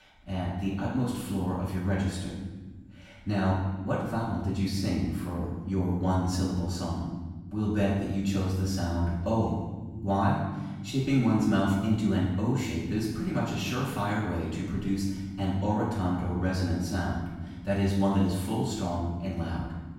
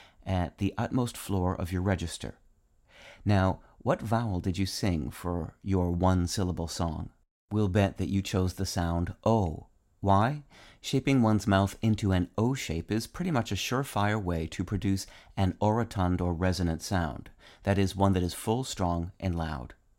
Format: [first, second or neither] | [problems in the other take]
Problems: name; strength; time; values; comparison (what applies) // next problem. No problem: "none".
second | off-mic speech; far // room echo; noticeable; dies away in 1.3 s